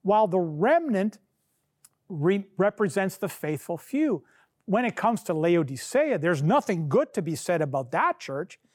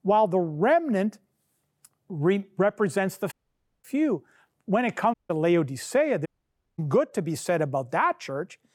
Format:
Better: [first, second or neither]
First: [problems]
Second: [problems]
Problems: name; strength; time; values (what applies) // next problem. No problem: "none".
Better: first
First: none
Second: audio cutting out; at 3.5 s for 0.5 s, at 5 s and at 6.5 s for 0.5 s